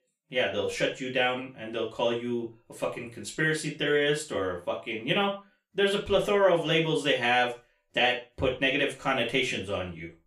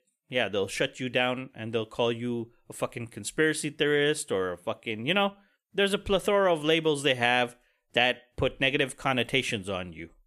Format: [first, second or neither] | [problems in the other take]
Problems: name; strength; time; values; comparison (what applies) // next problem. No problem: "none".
second | room echo; slight; dies away in 0.3 s // off-mic speech; far